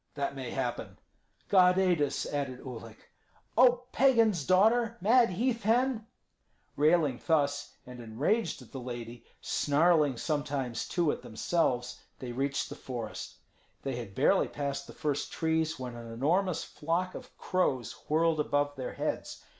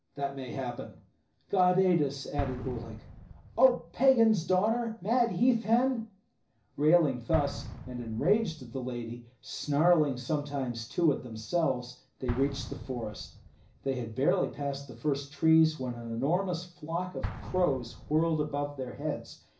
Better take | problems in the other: first | background sound (Explosion); 15 dB below the speech // room echo; dies away in 0.4 s

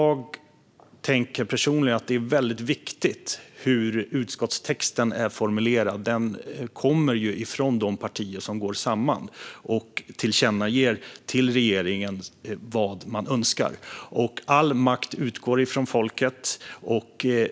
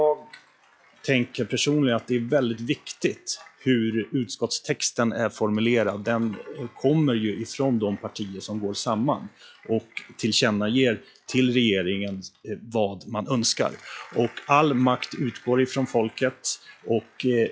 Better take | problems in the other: first | noise reduction (classical method log-MMSE)

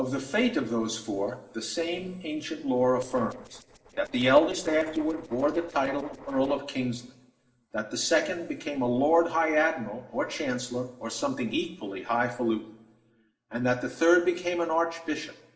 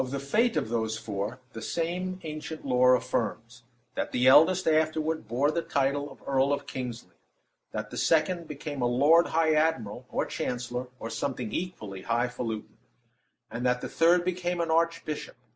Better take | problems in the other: second | noise reduction (neural separator model SepFormer DNS4)

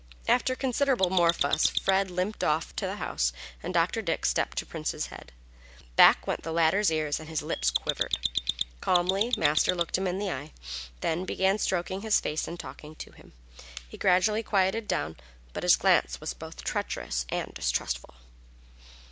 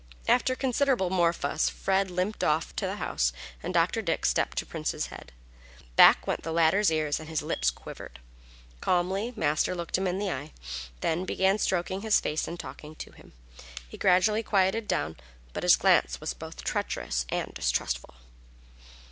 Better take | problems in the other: second | background sound (Mechanisms); 2 dB below the speech

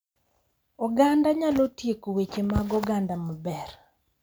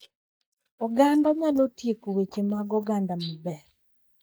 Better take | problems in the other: first | noise reduction (neural mask model DeepFilterNet 3)

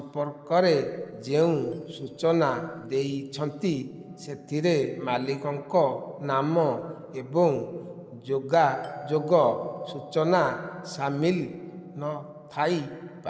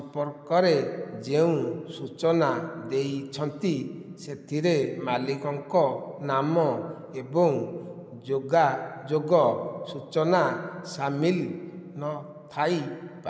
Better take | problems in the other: second | noise reduction (neural separator model SepFormer DNS4)

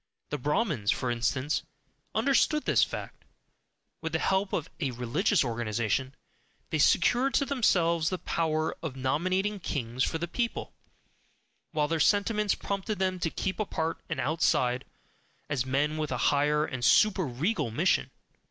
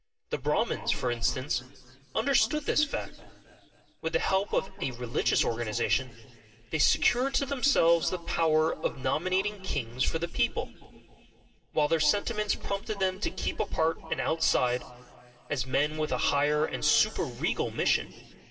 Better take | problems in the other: first | room echo; dies away in 2.6 s

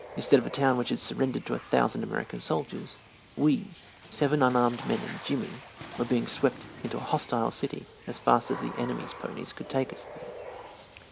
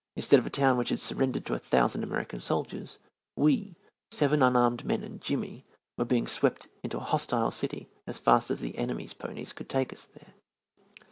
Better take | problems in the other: second | background sound (Water / Splash, splatter); 15 dB below the speech

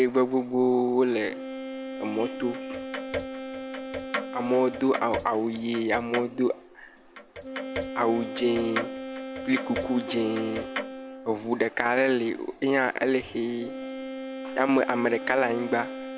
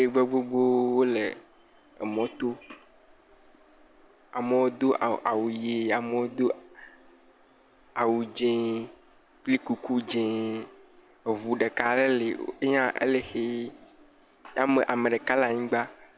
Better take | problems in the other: second | background sound (Wind instrument, woodwind instrument + Clock); 9 dB below the speech

